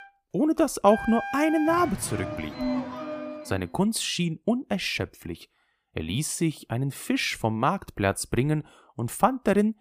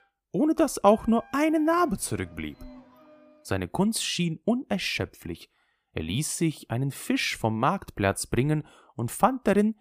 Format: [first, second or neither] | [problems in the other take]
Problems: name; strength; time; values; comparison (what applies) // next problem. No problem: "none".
second | background music; loud; until 3.5 s; 8 dB below the speech; faint in the second